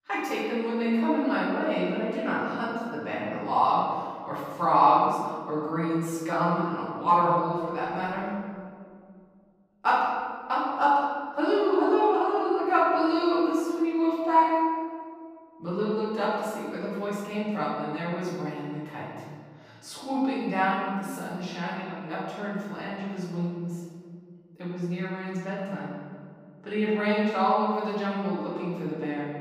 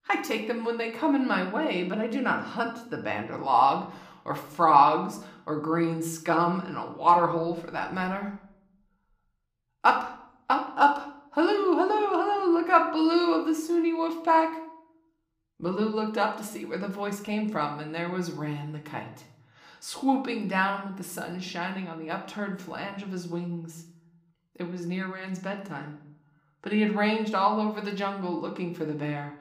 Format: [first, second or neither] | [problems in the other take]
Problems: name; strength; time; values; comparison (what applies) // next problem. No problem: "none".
second | room echo; strong; dies away in 1.9 s; slight in the second // off-mic speech; far